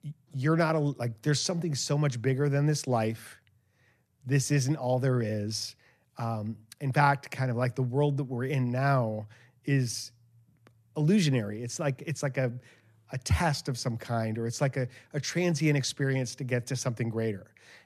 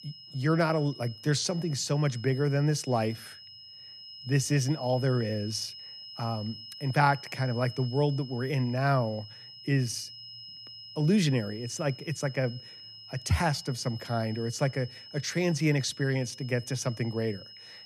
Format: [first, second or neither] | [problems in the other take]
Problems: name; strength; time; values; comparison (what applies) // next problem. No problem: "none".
first | high-pitched whine; noticeable; throughout; 5 kHz, 15 dB below the speech